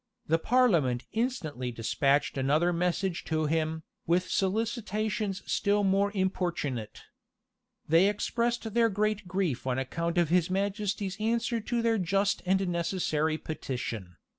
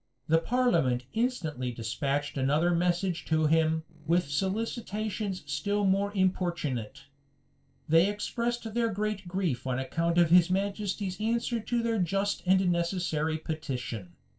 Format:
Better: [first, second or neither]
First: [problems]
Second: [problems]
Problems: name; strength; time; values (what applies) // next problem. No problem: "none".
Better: first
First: none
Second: noise reduction (neural separator model SepFormer DNS4)